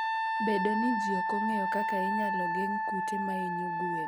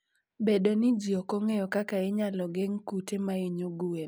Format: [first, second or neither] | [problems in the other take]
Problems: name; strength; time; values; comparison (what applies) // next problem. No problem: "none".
second | background sound (Wind instrument, woodwind instrument); 3 dB above the speech